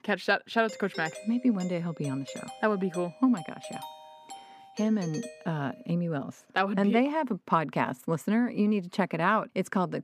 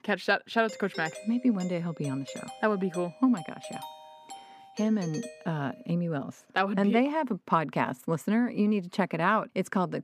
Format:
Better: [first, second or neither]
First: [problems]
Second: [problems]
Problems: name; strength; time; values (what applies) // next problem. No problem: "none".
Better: neither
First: doorbell; faint; from 0.5 to 6 s; peak 15 dB below the speech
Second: doorbell; faint; from 0.5 to 6 s; peak 15 dB below the speech